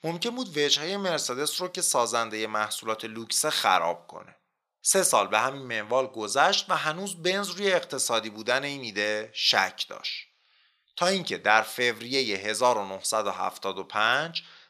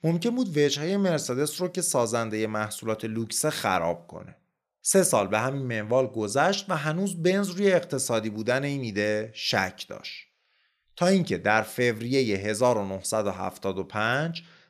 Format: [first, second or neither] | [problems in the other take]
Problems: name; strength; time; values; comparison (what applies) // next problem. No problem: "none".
second | thin; somewhat; fading below 650 Hz